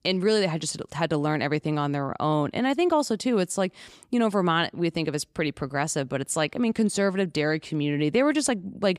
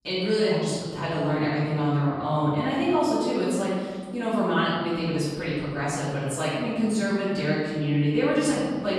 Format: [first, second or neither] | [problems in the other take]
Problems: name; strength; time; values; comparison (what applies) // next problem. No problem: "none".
first | off-mic speech; far // room echo; strong; dies away in 1.6 s